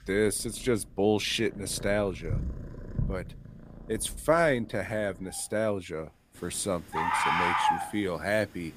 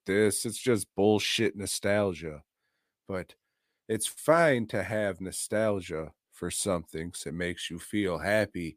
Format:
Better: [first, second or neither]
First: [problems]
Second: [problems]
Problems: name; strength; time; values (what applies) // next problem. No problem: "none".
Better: second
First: animal sounds; loud; throughout; 1 dB below the speech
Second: none